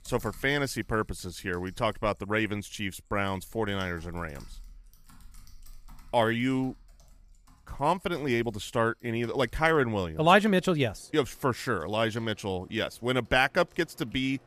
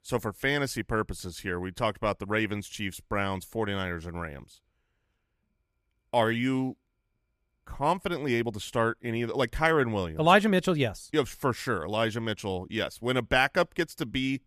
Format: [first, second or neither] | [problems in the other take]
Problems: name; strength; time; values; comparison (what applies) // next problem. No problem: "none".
second | household noises; faint; throughout; 30 dB below the speech